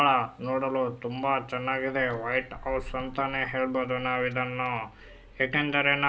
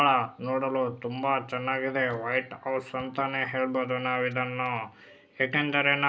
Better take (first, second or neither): second